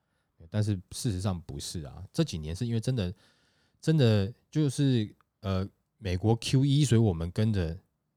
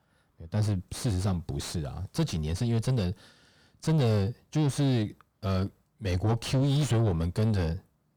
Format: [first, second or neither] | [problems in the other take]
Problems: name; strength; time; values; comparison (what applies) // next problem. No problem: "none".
first | distortion; heavy; 6 dB below the speech